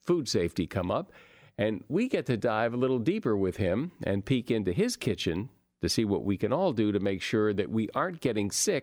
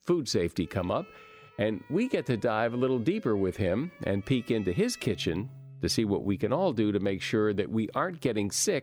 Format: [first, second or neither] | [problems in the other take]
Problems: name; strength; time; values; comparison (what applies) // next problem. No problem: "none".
first | background music; faint; throughout; 20 dB below the speech